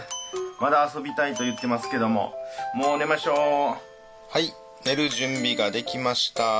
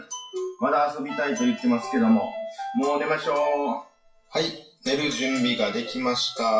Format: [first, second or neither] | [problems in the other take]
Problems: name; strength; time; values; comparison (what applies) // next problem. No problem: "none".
first | noise reduction (classical method WPE with log-MMSE)